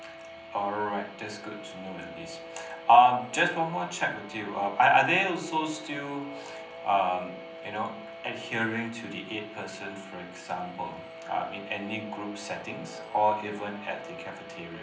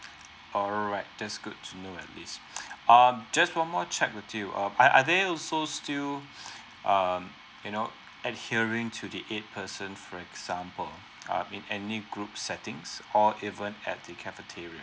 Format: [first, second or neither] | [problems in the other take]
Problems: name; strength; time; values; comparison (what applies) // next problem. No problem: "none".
second | background sound (Guitar); 15 dB below the speech // room echo; dies away in 0.6 s